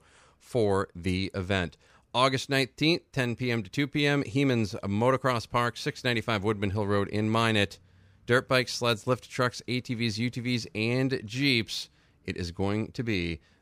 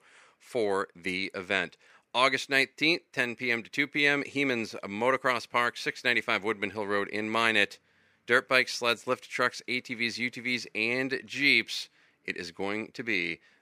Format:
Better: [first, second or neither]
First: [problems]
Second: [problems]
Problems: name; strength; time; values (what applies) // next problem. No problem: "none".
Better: first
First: none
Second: thin; somewhat; fading below 250 Hz